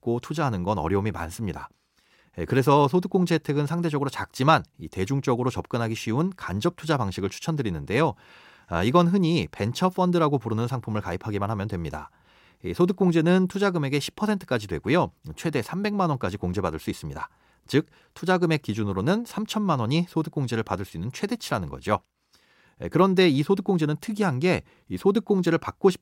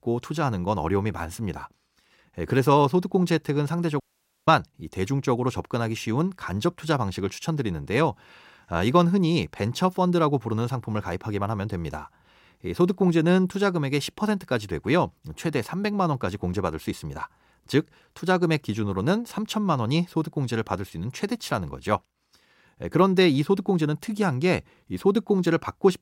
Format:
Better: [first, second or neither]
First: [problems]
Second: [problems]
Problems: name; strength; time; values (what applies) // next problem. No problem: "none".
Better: first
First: none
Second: audio cutting out; at 4 s